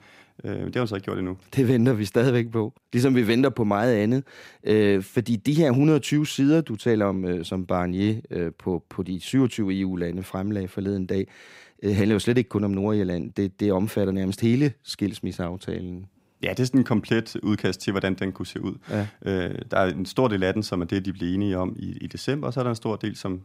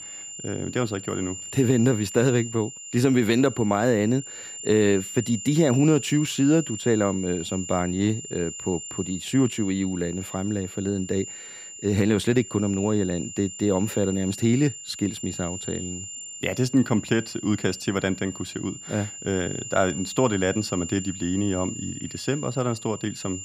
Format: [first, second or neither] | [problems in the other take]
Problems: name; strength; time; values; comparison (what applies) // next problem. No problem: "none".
first | high-pitched whine; noticeable; throughout; 7 kHz, 10 dB below the speech